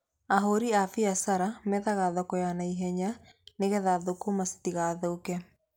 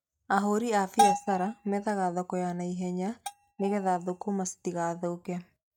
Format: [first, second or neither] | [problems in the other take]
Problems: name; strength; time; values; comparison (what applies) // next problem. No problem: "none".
first | noise reduction (neural mask model RNNoise)